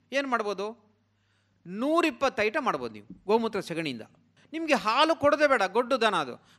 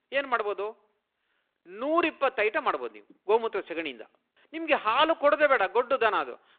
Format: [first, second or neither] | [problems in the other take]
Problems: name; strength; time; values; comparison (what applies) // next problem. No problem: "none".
first | phone-call audio